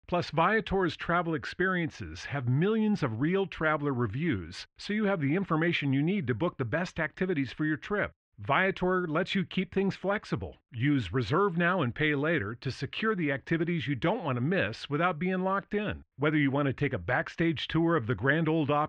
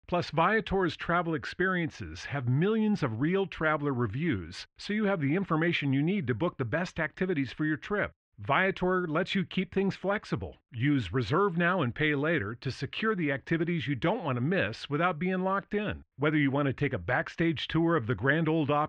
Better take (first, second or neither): neither